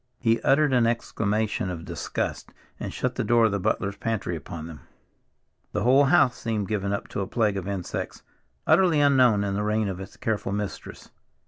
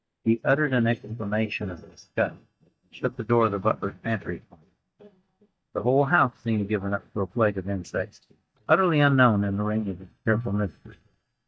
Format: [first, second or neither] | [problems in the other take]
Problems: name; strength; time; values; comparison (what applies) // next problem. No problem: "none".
first | noise reduction (neural mask model DeepFilterNet 3)